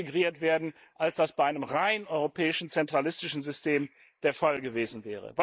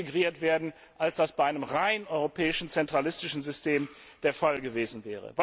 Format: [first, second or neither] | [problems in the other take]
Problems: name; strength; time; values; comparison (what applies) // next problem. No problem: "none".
second | noise reduction (neural mask model Resemble Enhance denoiser)